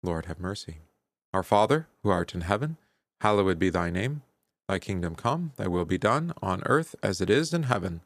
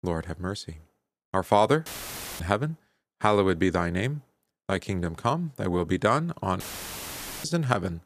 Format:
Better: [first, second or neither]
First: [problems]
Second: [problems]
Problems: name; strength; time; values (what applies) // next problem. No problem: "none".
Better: first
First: none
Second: audio cutting out; filled with static; at 2 s for 0.5 s and at 6.5 s for 1 s